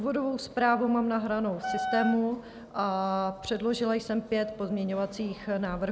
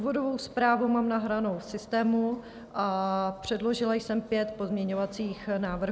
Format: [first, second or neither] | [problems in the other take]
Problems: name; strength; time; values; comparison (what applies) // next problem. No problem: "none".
second | background sound (Wind instrument, woodwind instrument); 5 dB below the speech